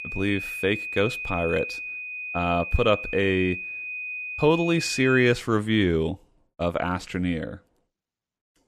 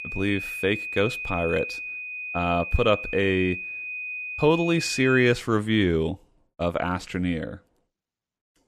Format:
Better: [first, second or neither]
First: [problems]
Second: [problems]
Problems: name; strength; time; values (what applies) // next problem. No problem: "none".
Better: neither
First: high-pitched whine; loud; until 5.5 s; 2.5 kHz, 6 dB below the speech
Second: high-pitched whine; loud; until 5.5 s; 2.5 kHz, 6 dB below the speech